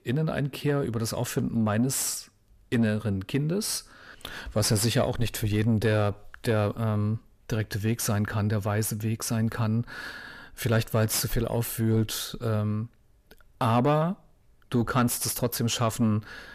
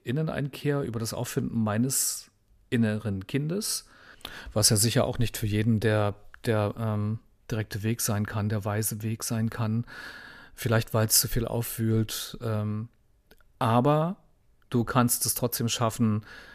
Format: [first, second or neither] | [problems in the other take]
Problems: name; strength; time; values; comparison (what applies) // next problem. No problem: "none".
second | distortion; slight; 10 dB below the speech